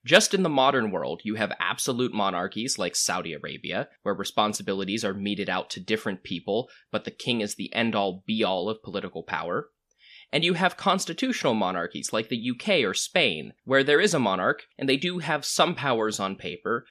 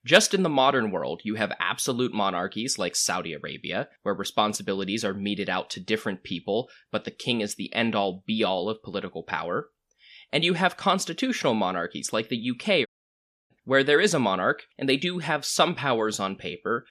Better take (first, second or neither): first